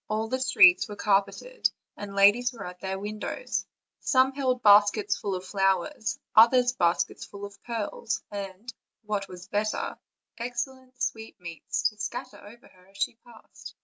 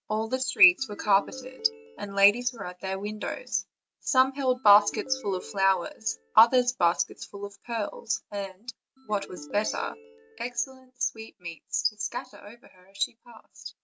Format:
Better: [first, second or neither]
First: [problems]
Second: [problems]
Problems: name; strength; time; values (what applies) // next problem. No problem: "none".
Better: first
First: none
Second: background sound (Ringtone); 19 dB below the speech